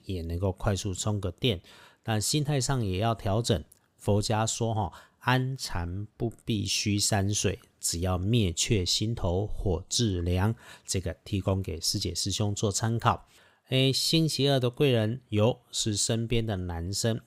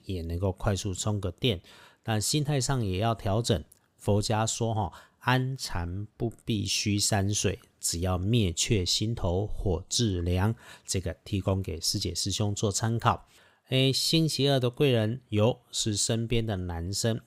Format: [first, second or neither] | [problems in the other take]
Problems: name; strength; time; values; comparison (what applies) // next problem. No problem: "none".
neither | none